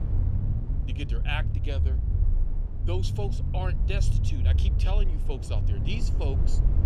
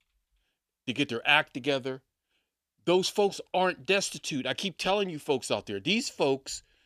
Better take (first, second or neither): second